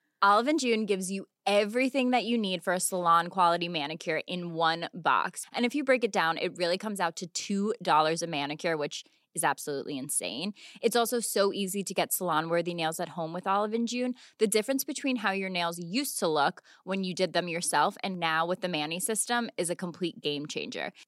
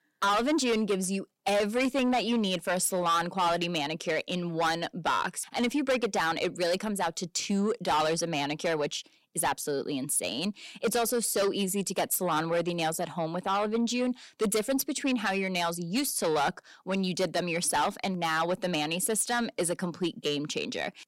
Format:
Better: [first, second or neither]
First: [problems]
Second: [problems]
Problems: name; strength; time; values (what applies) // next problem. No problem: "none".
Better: first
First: none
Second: distortion; heavy; 8 dB below the speech